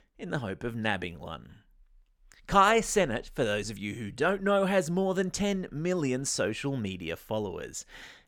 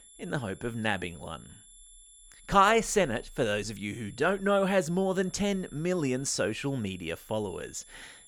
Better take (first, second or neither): first